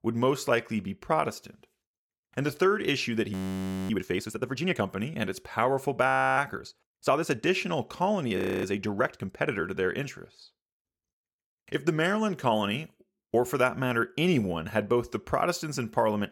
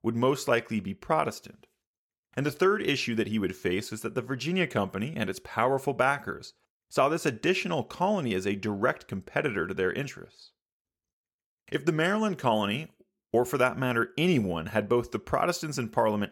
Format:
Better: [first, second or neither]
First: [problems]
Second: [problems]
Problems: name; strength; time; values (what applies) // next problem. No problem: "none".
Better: second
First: audio freezing; at 3.5 s for 0.5 s, at 6 s and at 8.5 s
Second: none